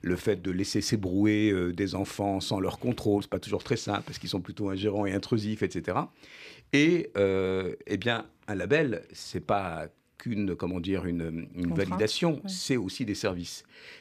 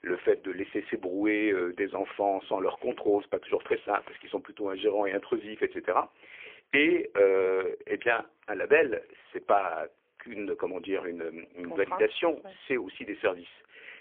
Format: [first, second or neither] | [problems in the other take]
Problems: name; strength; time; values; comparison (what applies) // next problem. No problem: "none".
first | phone-call audio; poor line; nothing above 3.5 kHz